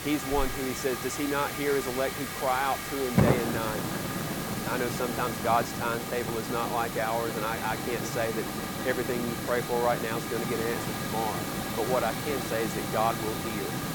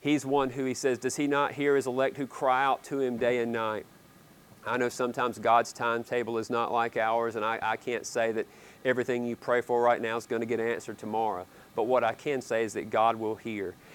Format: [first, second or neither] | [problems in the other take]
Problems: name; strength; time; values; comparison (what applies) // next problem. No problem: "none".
second | hiss; loud; throughout; 1 dB below the speech; faint in the second